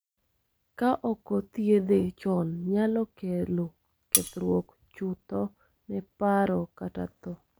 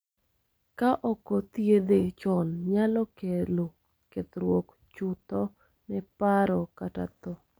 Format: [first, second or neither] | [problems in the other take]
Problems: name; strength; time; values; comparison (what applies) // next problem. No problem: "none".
second | background sound (Cutlery, silverware); as loud as the speech